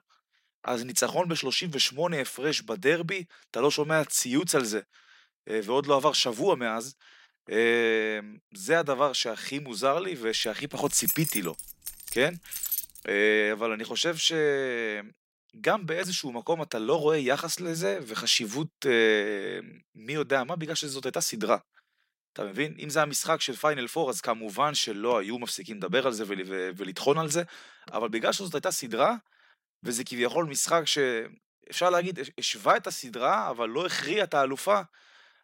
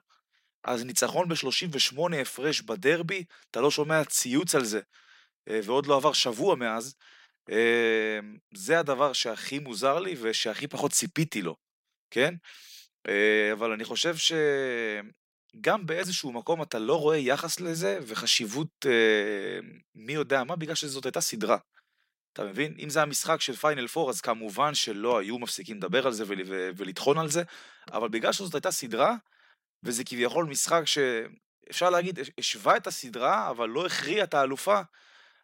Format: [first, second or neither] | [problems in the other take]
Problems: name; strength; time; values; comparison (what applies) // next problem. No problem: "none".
second | jangling keys; loud; from 10 to 13 s; peak level with the speech